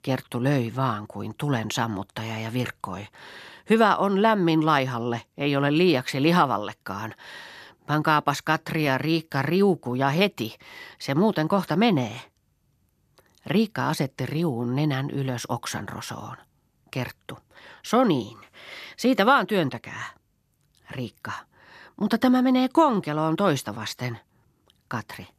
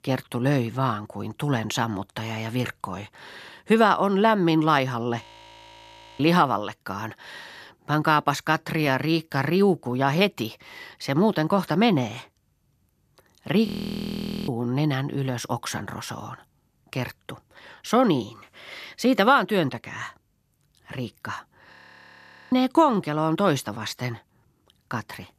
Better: first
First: none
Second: audio freezing; at 5 s for 1 s, at 14 s for 1 s and at 22 s for 1 s

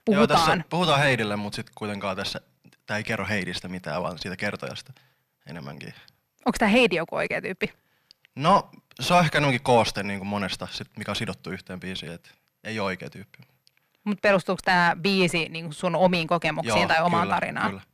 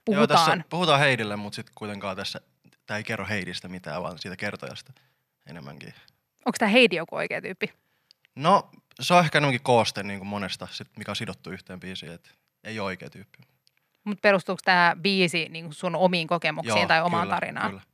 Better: second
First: distortion; slight; 9 dB below the speech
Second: none

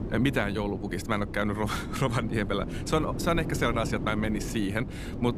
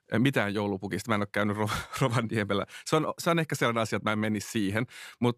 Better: second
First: wind noise on the microphone; occasional gusts; 10 dB below the speech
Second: none

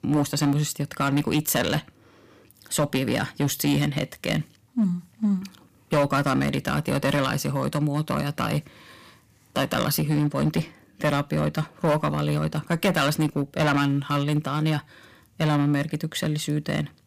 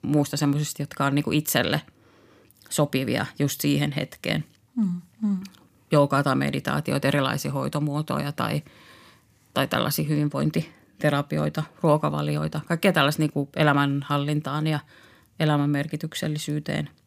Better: second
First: distortion; slight; 6% of the sound clipped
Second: none

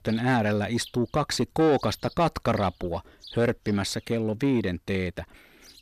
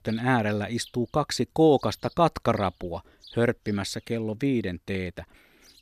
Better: second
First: distortion; slight; 10 dB below the speech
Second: none

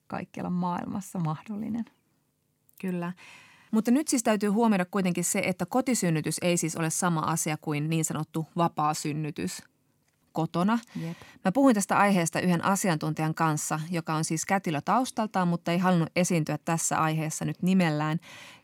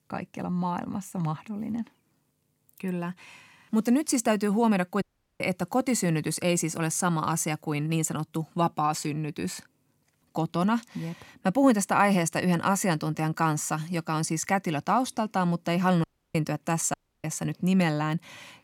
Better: first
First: none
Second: audio cutting out; at 5 s, at 16 s and at 17 s

